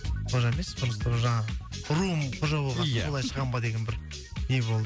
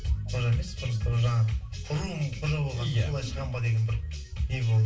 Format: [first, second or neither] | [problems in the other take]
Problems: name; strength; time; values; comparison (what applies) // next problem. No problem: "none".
first | room echo; dies away in 0.3 s